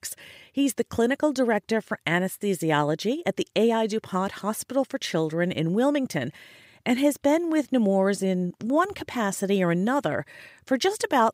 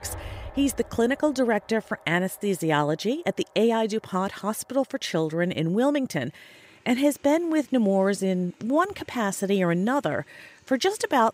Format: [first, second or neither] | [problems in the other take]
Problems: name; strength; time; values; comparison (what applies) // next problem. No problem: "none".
first | household noises; faint; throughout; 25 dB below the speech